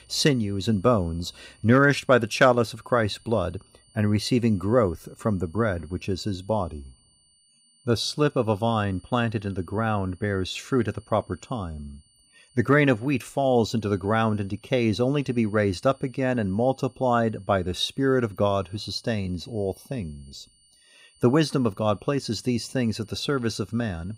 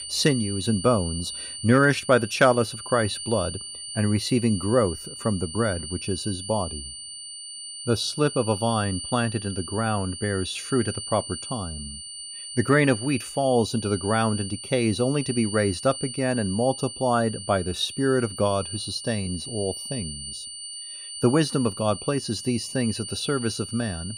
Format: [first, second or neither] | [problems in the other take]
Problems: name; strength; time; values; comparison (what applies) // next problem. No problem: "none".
first | high-pitched whine; loud; throughout; 9 kHz, 9 dB below the speech; faint in the first